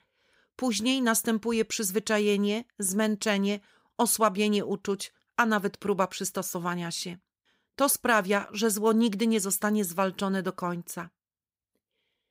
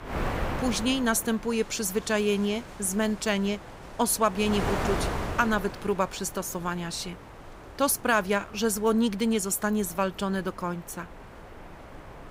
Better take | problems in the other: first | wind noise on the microphone; heavy; 10 dB below the speech

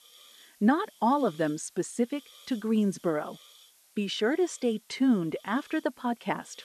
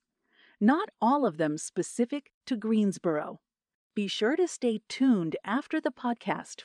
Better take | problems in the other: second | hiss; faint; throughout; 25 dB below the speech

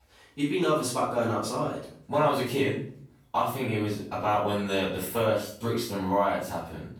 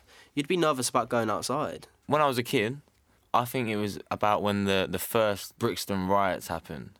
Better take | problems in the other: second | off-mic speech; far // room echo; noticeable; dies away in 0.5 s

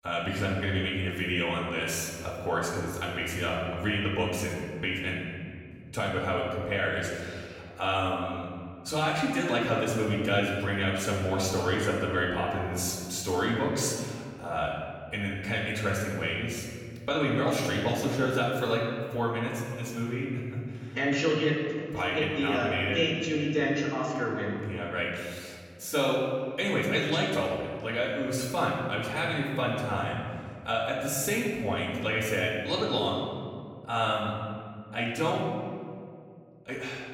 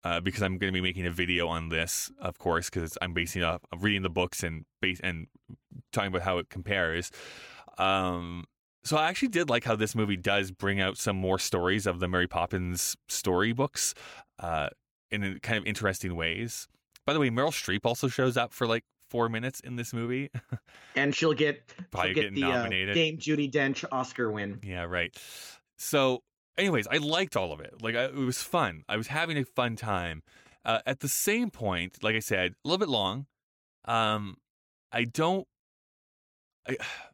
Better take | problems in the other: second | off-mic speech; far // room echo; noticeable; dies away in 1.9 s

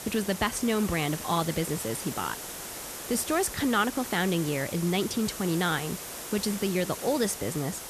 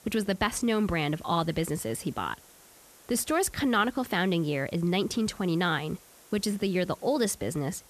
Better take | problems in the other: second | hiss; loud; throughout; 8 dB below the speech; faint in the second

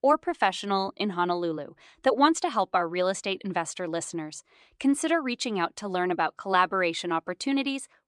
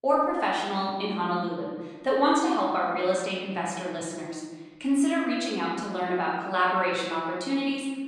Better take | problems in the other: first | room echo; noticeable; dies away in 1.2 s // off-mic speech; far

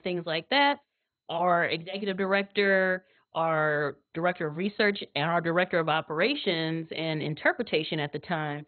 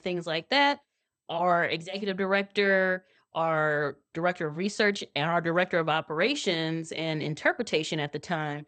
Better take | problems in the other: second | garbled, watery; badly; nothing above 4 kHz; slightly in the second

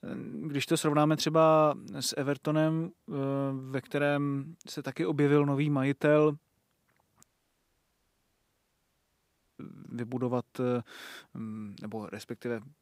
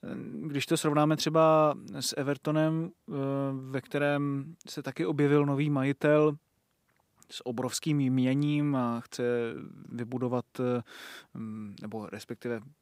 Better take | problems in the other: second | audio cutting out; at 7 s for 2.5 s

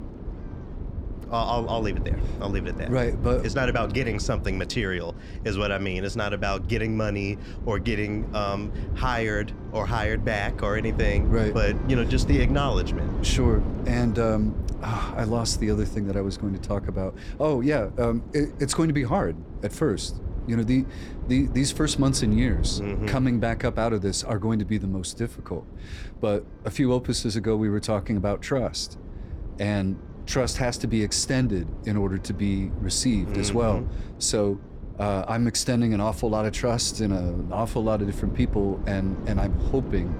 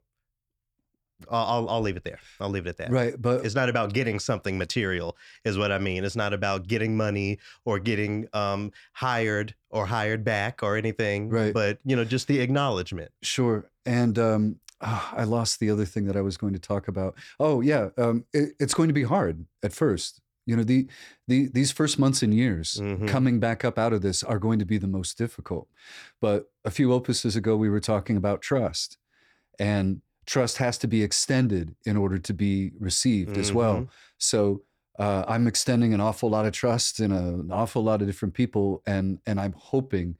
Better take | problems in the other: second | wind noise on the microphone; occasional gusts; 15 dB below the speech

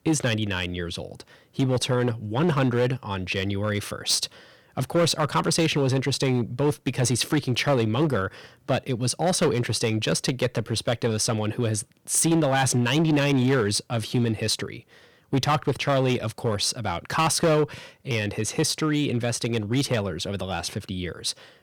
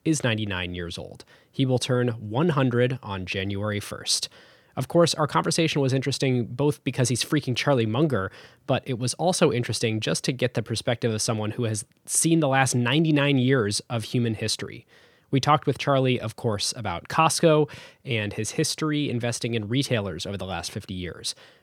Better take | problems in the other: second | distortion; slight; 6% of the sound clipped

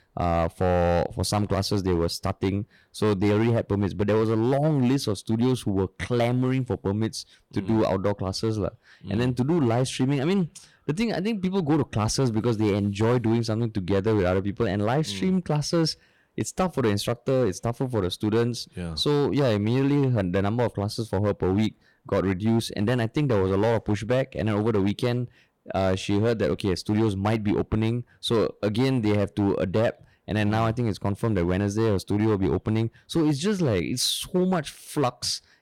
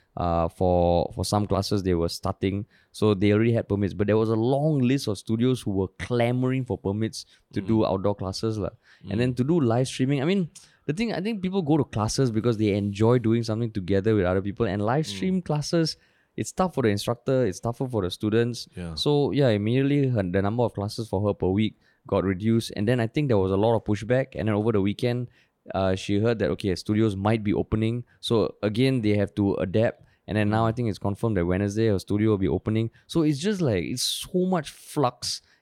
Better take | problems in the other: second | distortion; slight; 9% of the sound clipped

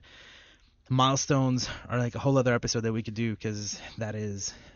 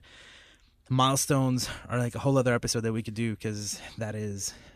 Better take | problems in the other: second | garbled, watery; slightly; nothing above 6.5 kHz

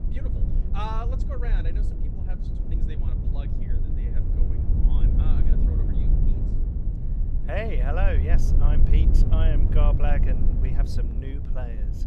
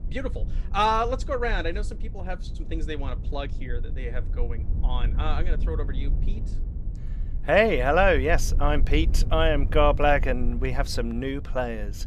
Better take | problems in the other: second | low rumble; loud; throughout; 5 dB below the speech; faint in the second

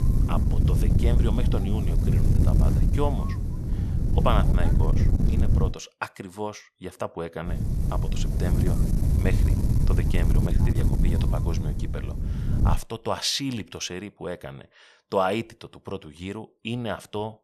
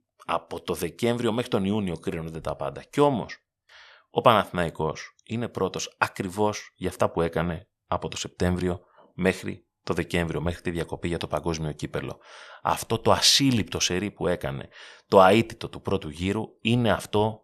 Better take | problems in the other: second | wind noise on the microphone; heavy; until 5.5 s and from 7.5 to 13 s; 4 dB below the speech

